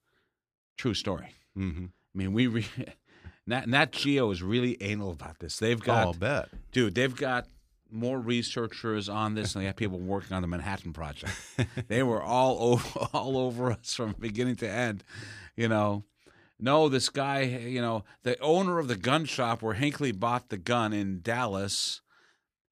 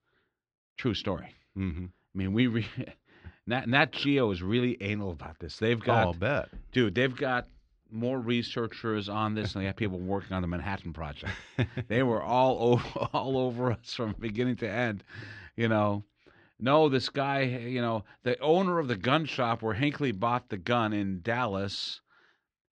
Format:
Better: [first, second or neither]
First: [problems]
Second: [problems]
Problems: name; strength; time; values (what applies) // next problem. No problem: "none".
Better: first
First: none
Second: muffled; very slightly; fading above 4 kHz